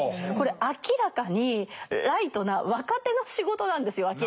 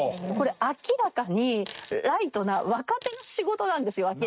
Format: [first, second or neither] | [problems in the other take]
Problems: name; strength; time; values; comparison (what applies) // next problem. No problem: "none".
first | noise reduction (neural mask model RNNoise)